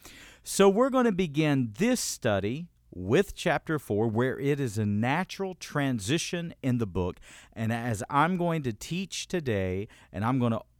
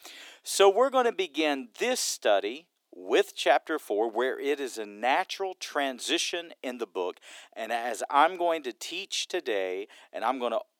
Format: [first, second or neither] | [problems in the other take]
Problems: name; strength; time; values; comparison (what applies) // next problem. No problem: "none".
first | thin; very; fading below 300 Hz